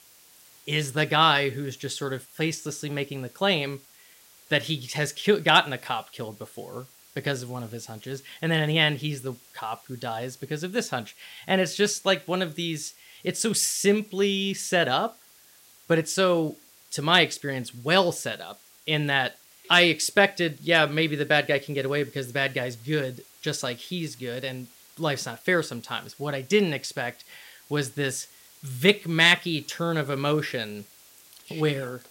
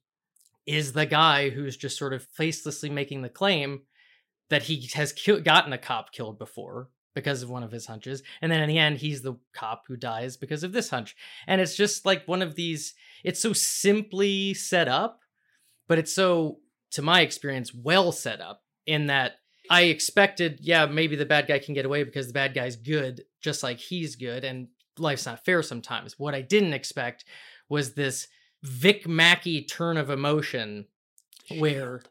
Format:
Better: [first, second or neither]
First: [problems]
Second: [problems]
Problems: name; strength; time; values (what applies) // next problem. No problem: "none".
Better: second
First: hiss; faint; throughout; 25 dB below the speech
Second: none